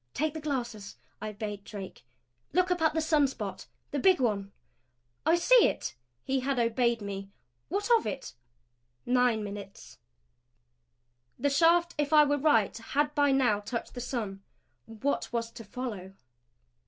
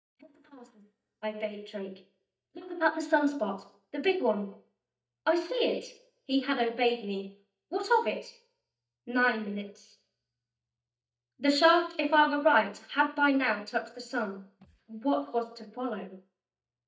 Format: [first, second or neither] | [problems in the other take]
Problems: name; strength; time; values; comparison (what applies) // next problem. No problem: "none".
first | noise reduction (neural mask model DeepFilterNet 3)